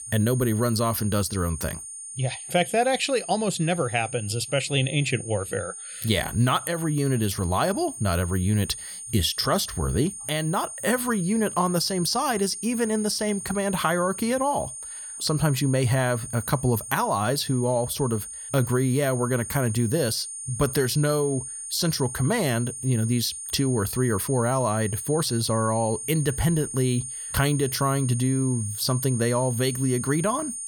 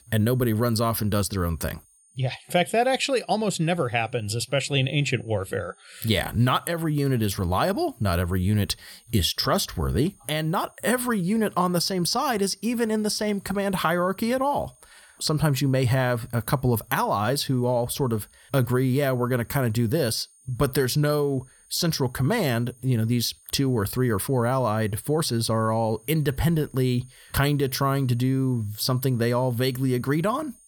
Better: second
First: high-pitched whine; loud; throughout; 9 kHz, 8 dB below the speech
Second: high-pitched whine; faint; throughout; 9 kHz, 30 dB below the speech

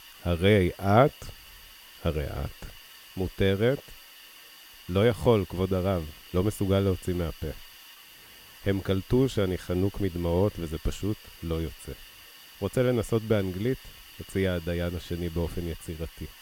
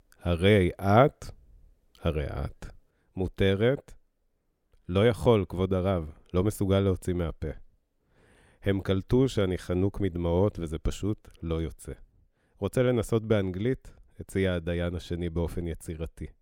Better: second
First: hiss; noticeable; throughout; 20 dB below the speech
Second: none

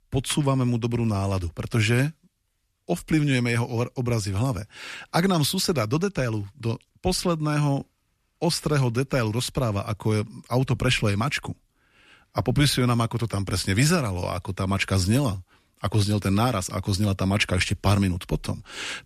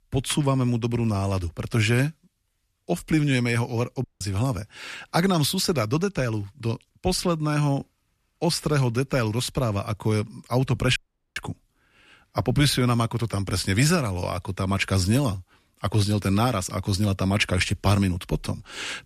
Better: first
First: none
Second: audio cutting out; at 4 s and at 11 s

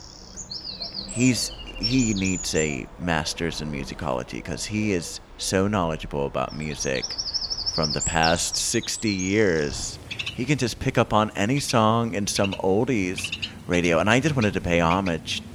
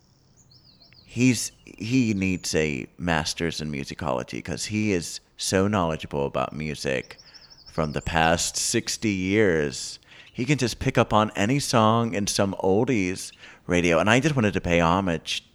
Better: second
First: animal sounds; loud; throughout; 7 dB below the speech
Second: animal sounds; faint; throughout; 30 dB below the speech

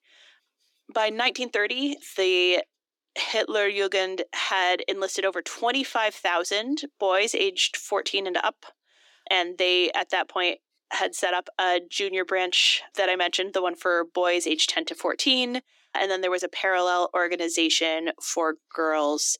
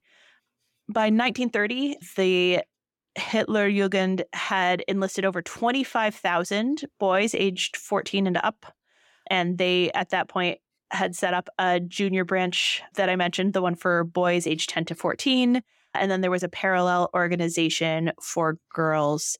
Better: second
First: thin; somewhat; fading below 300 Hz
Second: none

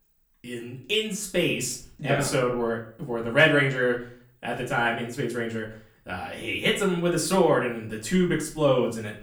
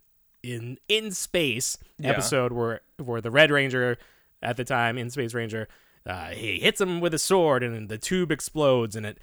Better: second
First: room echo; slight; dies away in 0.4 s // off-mic speech; far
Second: none

